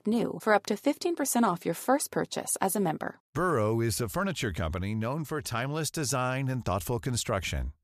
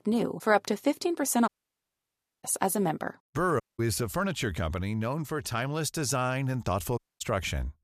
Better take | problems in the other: first | audio cutting out; at 1.5 s for 1 s, at 3.5 s and at 7 s

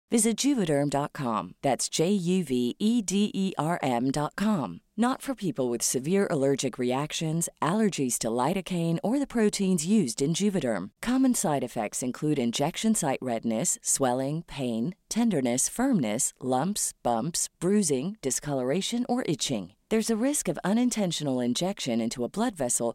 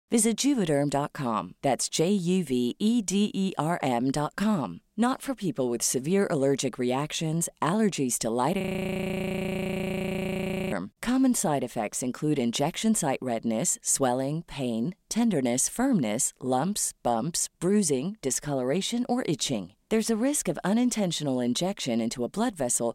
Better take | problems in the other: first | audio freezing; at 8.5 s for 2 s

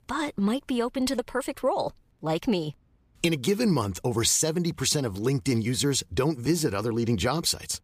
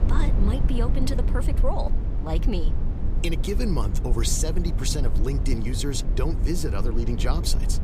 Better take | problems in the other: first | low rumble; loud; throughout; 8 dB below the speech

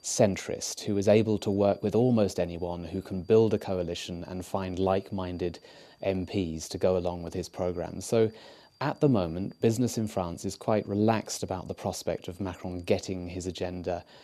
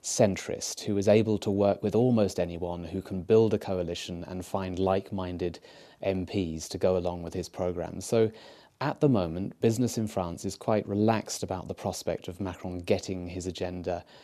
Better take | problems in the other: second | high-pitched whine; faint; throughout; 4.5 kHz, 35 dB below the speech

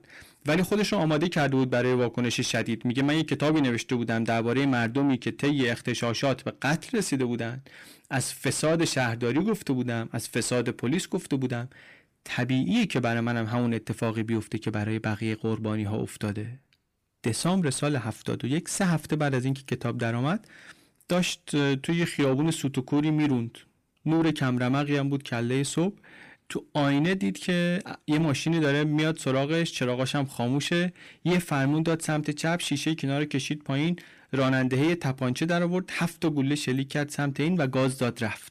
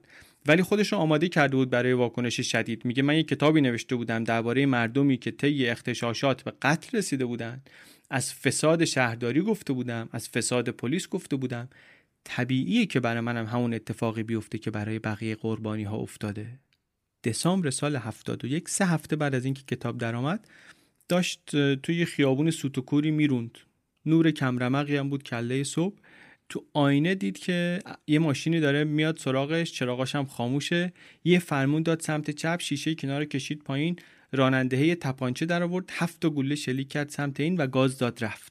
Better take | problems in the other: second | distortion; slight; 10 dB below the speech

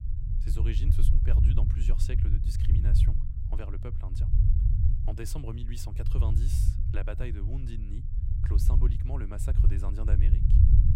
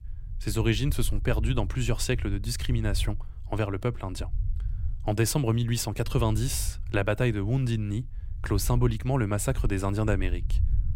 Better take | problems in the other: second | low rumble; loud; throughout; as loud as the speech; faint in the second

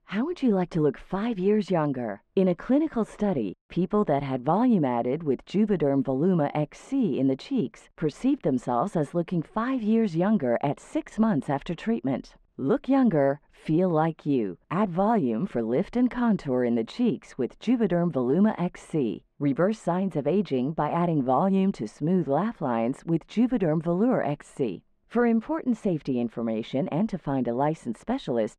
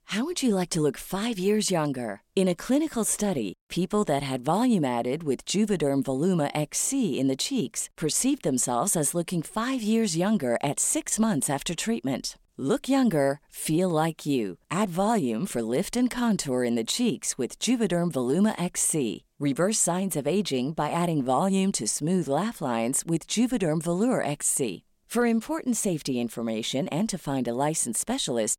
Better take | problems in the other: second | muffled; very; fading above 1.5 kHz

